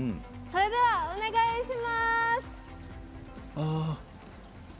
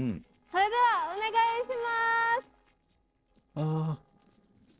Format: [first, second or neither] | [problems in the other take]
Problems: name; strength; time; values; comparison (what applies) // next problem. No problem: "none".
first | noise reduction (neural separator model SepFormer DNS4)